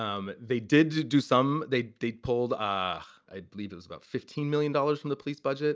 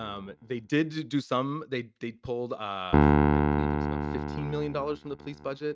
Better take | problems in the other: first | noise reduction (neural mask model RNNoise)

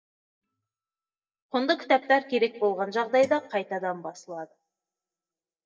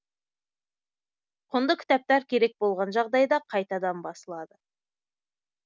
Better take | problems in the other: second | noise reduction (neural mask model DeepFilterNet 3)

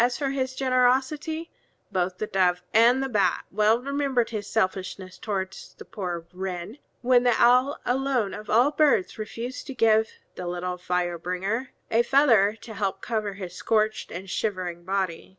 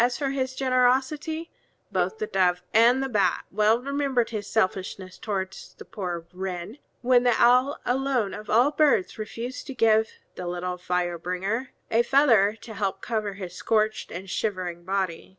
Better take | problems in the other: first | background sound (Bowed string instrument); 17 dB below the speech

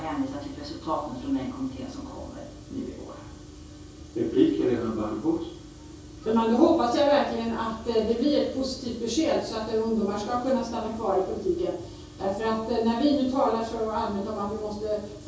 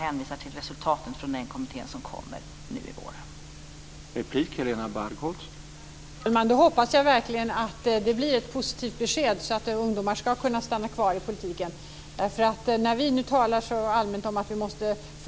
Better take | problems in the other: second | room echo; dies away in 0.6 s

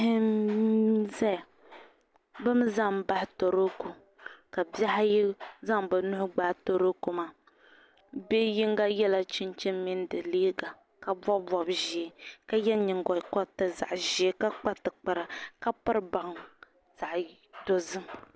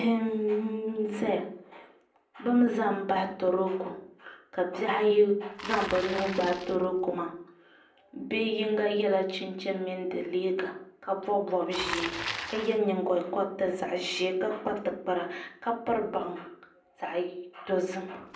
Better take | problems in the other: first | background sound (Bicycle); 15 dB below the speech // room echo; dies away in 0.6 s

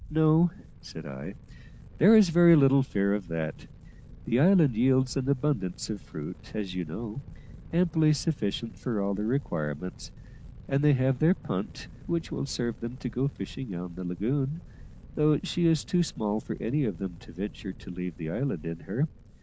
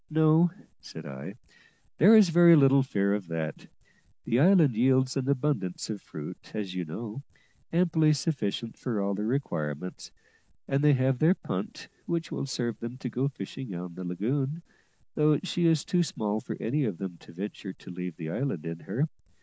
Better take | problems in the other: second | background sound (Fire); 18 dB below the speech

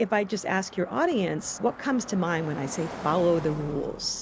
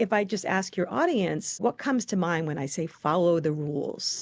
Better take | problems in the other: second | background sound (Car passing by); 14 dB below the speech

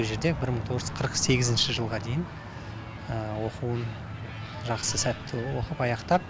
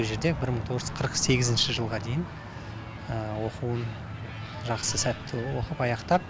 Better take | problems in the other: second | background sound (Tabla); 19 dB below the speech

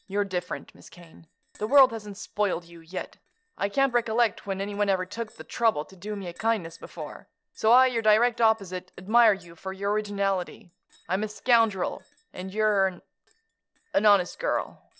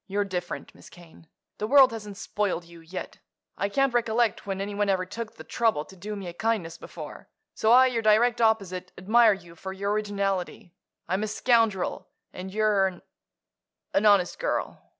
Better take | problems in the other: second | noise reduction (neural separator model SepFormer DNS4)

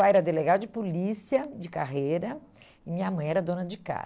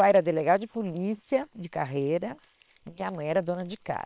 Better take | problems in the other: first | noise reduction (neural separator model SepFormer WHAM!)

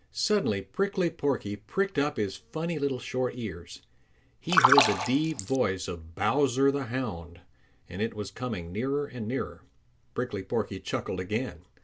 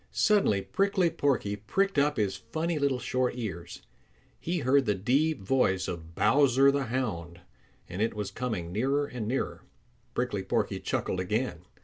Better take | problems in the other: second | background sound (Splash, splatter); 4 dB above the speech

